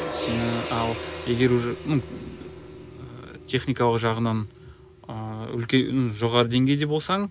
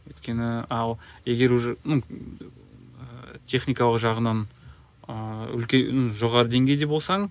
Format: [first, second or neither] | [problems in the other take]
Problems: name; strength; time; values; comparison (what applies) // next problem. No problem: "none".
second | background sound (Gong); 12 dB below the speech